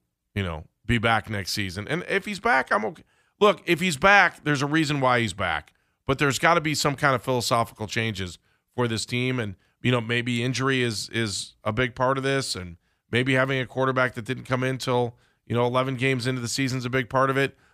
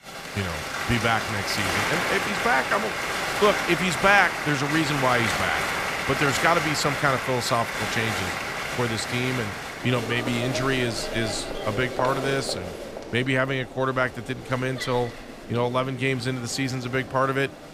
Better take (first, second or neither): first